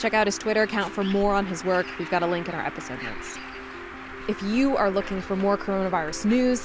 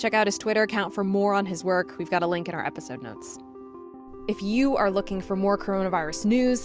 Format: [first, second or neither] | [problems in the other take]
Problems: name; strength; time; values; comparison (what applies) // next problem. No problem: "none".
second | background sound (Bird); 13 dB below the speech